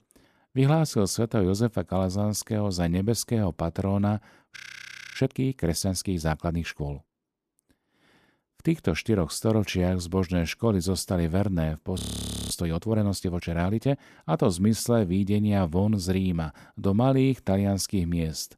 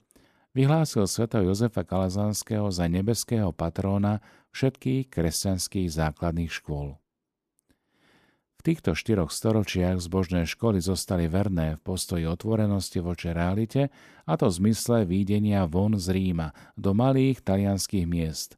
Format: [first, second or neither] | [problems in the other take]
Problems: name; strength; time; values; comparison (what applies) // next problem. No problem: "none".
second | audio freezing; at 4.5 s for 0.5 s and at 12 s for 0.5 s